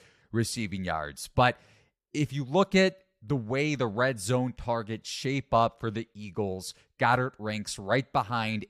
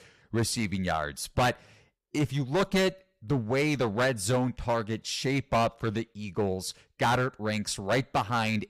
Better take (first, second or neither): first